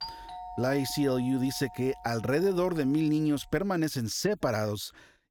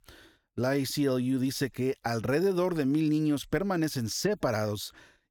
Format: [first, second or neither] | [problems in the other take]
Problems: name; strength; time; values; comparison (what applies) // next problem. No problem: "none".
second | doorbell; faint; until 3 s; peak 10 dB below the speech